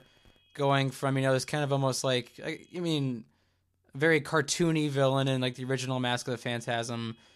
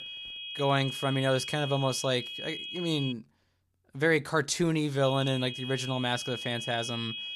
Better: first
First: high-pitched whine; faint; until 3 s and from 5 s on; 3.5 kHz, 35 dB below the speech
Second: high-pitched whine; loud; until 3 s and from 5 s on; 3.5 kHz, 7 dB below the speech

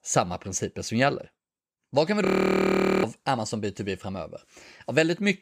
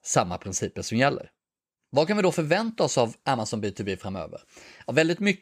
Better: second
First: audio freezing; at 2.5 s for 1 s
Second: none

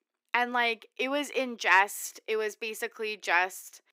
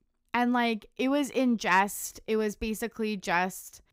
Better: second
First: thin; somewhat; fading below 300 Hz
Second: none

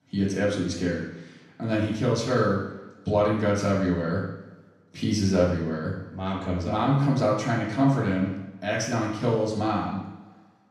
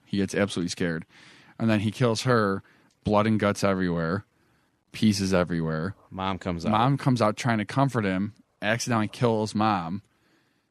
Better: second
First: room echo; noticeable; dies away in 0.9 s // off-mic speech; far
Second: none

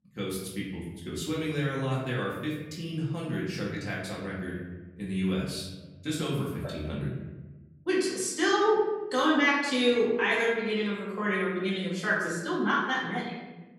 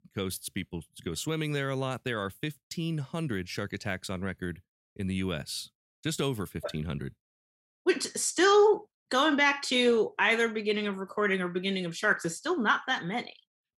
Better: second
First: off-mic speech; far // room echo; noticeable; dies away in 1.1 s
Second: none

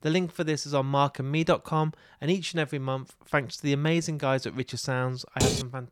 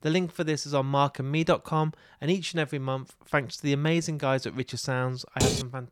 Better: neither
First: clattering dishes; loud; at 5.5 s; peak 1 dB above the speech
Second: clattering dishes; loud; at 5.5 s; peak 1 dB above the speech

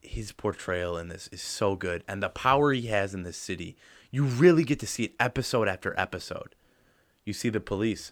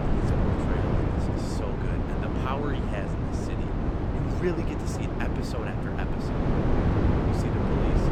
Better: first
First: none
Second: wind noise on the microphone; heavy; 5 dB above the speech

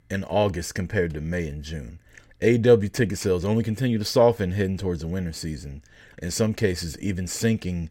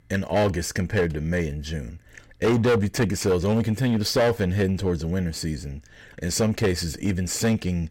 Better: first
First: none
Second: distortion; heavy; 7% of the sound clipped

